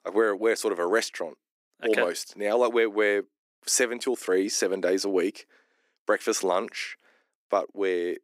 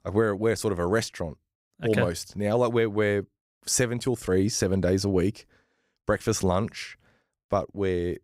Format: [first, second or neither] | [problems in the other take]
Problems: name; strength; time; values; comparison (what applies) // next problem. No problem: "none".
second | thin; somewhat; fading below 300 Hz